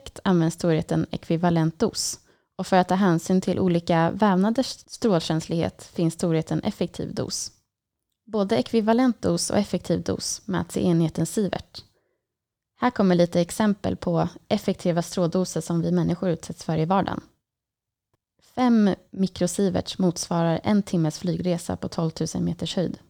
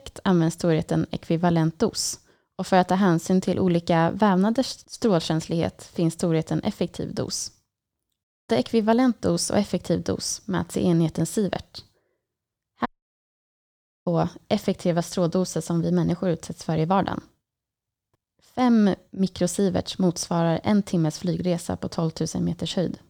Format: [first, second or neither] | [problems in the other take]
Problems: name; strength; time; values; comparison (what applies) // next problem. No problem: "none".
first | audio cutting out; at 8 s and at 13 s for 1 s